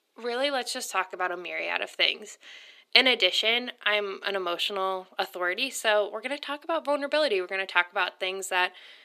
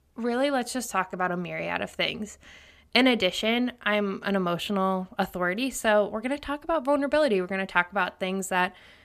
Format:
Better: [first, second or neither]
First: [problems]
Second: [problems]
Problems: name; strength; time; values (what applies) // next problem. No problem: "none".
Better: second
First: thin; somewhat; fading below 350 Hz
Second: none